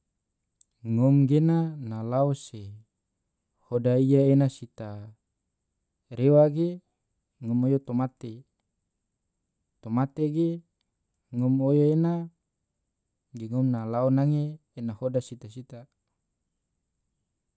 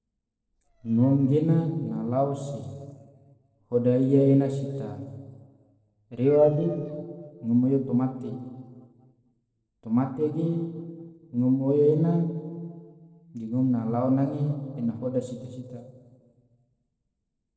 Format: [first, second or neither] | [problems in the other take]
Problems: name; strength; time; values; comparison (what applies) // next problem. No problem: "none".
first | noise reduction (neural separator model SepFormer DNS4)